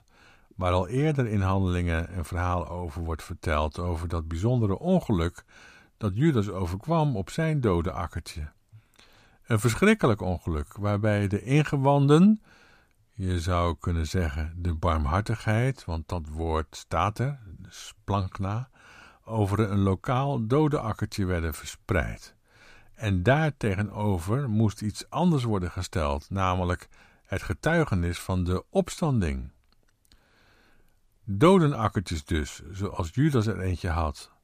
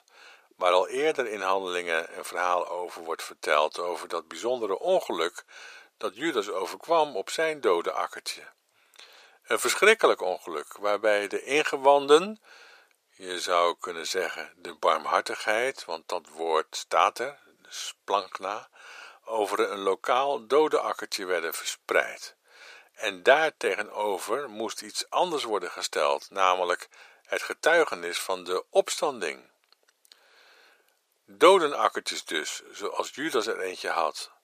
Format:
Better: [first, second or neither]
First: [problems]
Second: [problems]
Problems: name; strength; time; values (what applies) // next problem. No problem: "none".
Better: first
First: none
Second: thin; very; fading below 450 Hz